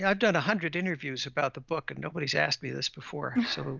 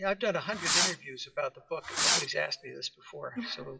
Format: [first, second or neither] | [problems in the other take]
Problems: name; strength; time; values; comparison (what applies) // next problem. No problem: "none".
first | noise reduction (classical method WPE with log-MMSE)